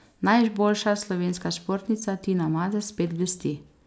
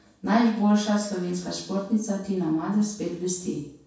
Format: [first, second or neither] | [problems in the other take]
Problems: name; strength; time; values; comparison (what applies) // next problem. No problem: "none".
first | room echo; dies away in 0.6 s